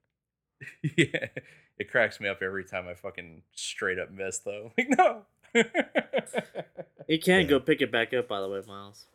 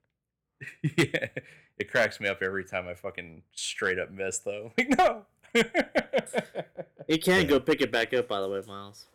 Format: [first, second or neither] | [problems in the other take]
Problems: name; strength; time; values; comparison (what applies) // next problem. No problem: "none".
first | distortion; slight; 2% of the sound clipped